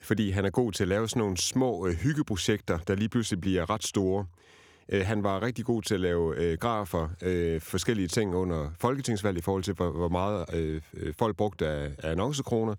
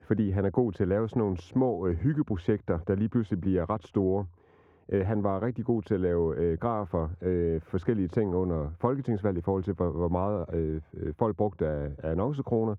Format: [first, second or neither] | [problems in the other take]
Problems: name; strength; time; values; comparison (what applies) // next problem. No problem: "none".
first | muffled; very; fading above 3 kHz